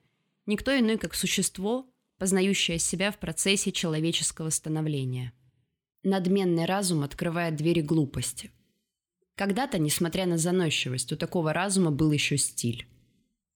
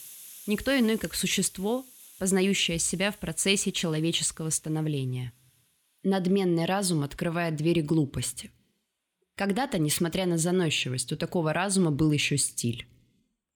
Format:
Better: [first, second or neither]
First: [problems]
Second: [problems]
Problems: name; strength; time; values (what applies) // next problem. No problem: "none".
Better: first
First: none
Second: hiss; faint; throughout; 20 dB below the speech